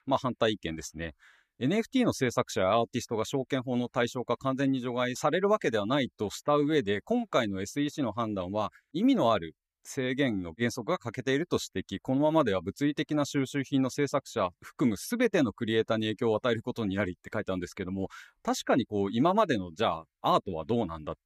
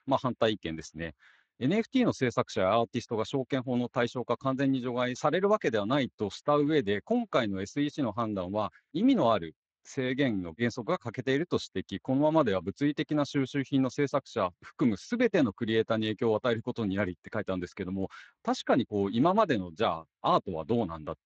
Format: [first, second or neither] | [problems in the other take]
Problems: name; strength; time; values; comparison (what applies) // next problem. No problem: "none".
first | garbled, watery; slightly